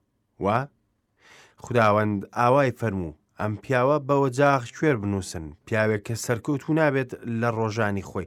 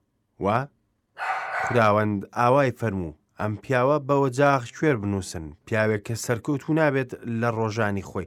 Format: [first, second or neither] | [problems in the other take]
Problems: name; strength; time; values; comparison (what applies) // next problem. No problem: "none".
first | dog barking; noticeable; at 1 s; peak 3 dB below the speech